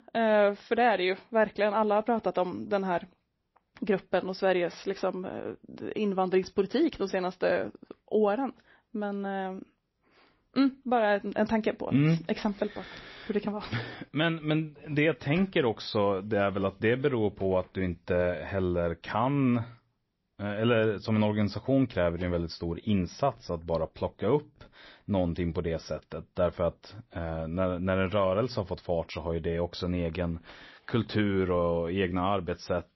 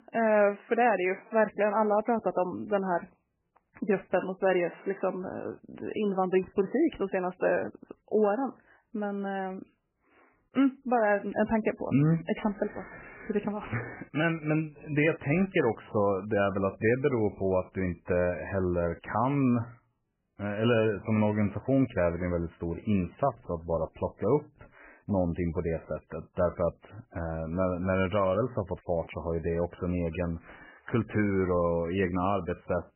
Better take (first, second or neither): first